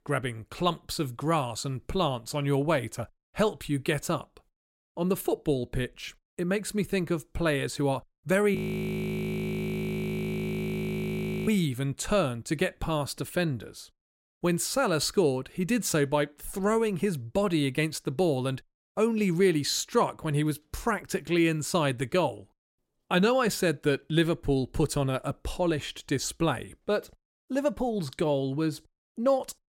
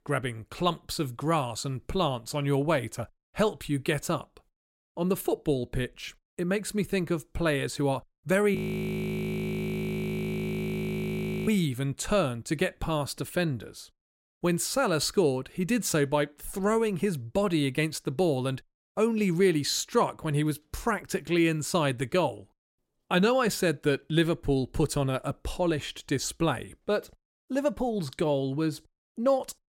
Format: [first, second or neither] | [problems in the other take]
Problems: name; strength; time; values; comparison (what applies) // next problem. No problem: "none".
neither | audio freezing; at 8.5 s for 3 s; the same in both